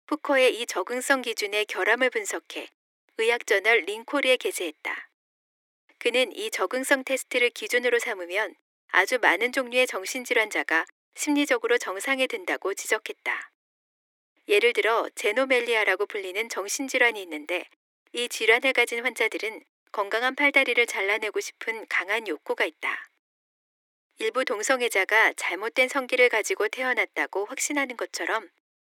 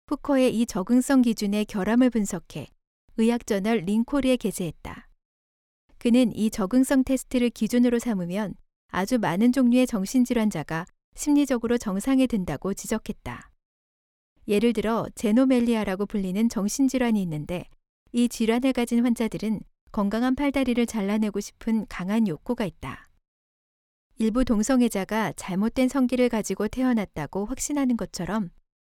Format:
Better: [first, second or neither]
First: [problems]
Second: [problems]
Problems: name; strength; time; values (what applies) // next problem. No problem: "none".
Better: second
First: thin; very; fading below 300 Hz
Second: none